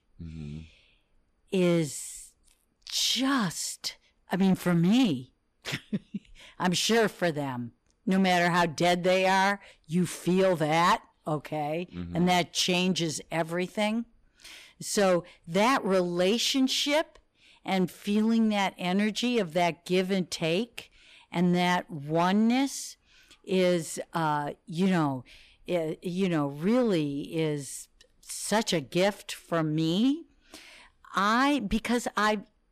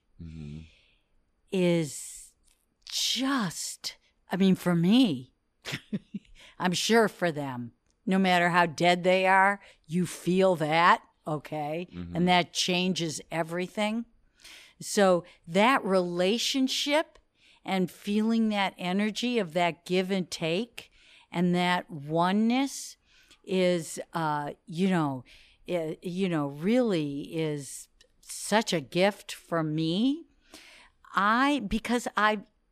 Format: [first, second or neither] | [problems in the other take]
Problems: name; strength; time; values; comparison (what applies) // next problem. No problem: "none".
second | distortion; slight; 5% of the sound clipped